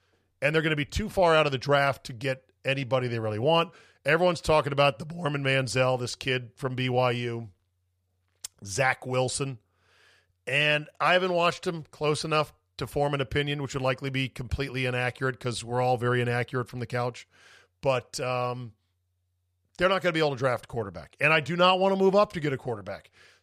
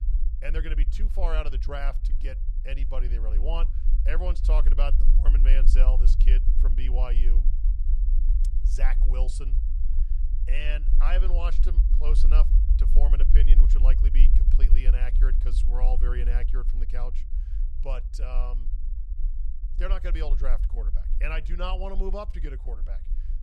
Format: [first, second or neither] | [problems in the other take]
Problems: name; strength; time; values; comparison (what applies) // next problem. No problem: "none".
first | low rumble; noticeable; throughout; 10 dB below the speech